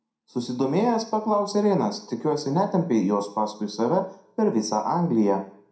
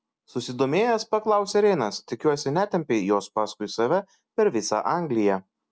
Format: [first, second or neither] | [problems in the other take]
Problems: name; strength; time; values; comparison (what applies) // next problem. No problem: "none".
second | room echo; dies away in 0.4 s